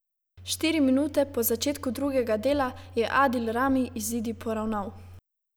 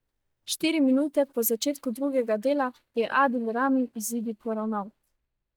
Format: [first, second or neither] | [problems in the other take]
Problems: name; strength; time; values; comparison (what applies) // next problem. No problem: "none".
first | noise reduction (neural mask model DeepFilterNet 3)